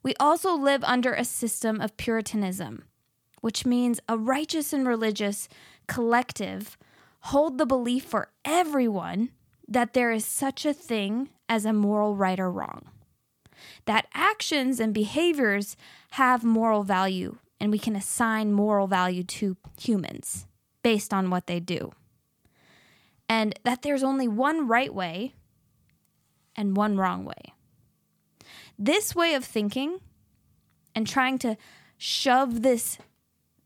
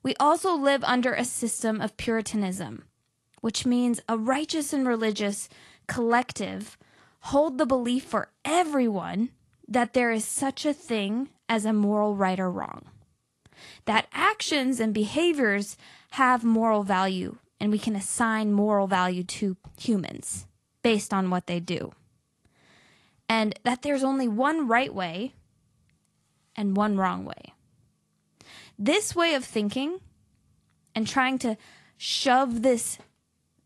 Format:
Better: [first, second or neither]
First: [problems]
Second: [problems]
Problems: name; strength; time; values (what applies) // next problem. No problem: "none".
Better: first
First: none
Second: garbled, watery; slightly; nothing above 11 kHz